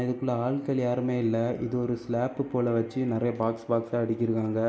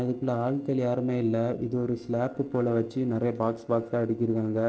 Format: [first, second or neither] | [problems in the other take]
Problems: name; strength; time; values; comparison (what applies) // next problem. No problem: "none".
first | noise reduction (neural separator model SepFormer DNS4)